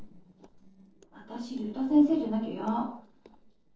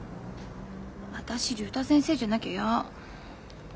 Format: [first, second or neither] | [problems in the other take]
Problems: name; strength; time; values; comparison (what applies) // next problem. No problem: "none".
second | noise reduction (neural separator model SepFormer DNS4)